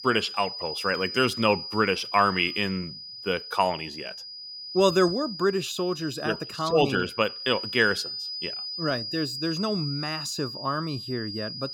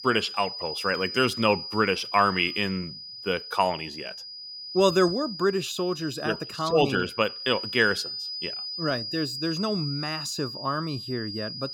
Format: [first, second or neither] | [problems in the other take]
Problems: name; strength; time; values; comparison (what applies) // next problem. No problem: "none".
neither | high-pitched whine; loud; throughout; 5 kHz, 8 dB below the speech; the same in both